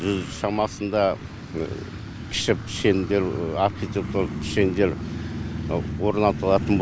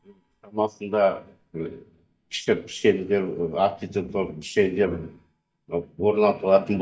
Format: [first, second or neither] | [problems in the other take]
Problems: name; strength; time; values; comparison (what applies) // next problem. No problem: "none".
first | noise reduction (neural mask model DeepFilterNet 3)